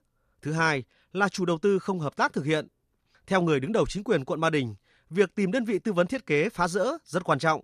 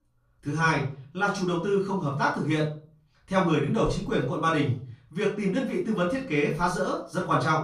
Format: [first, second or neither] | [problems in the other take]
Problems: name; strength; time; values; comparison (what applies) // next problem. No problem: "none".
first | off-mic speech; far // room echo; slight; dies away in 0.4 s